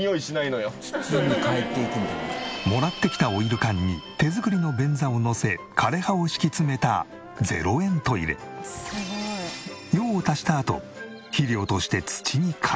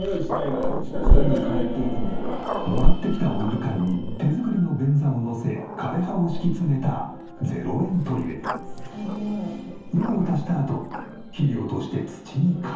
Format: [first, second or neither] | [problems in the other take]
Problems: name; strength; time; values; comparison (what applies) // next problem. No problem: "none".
first | background sound (Growling); as loud as the speech // room echo; dies away in 0.7 s